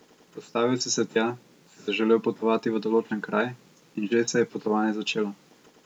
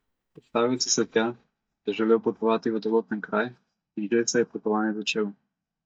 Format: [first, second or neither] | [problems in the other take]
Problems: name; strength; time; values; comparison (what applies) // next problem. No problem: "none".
first | noise reduction (neural mask model DeepFilterNet 3)